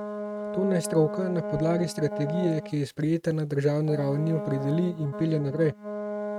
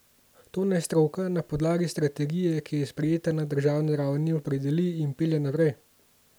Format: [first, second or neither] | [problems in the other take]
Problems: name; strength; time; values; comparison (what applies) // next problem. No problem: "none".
second | noise reduction (neural mask model RNNoise)